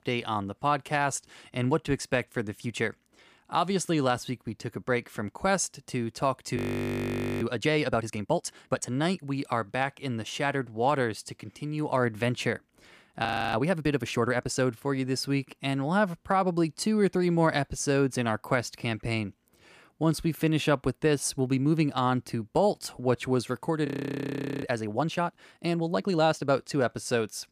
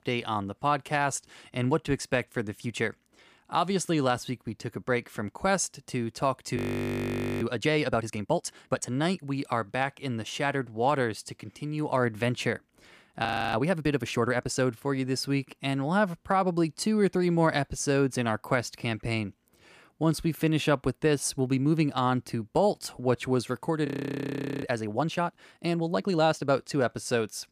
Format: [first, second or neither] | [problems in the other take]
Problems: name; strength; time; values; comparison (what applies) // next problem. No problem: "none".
neither | audio freezing; at 6.5 s for 1 s, at 13 s and at 24 s for 1 s; the same in both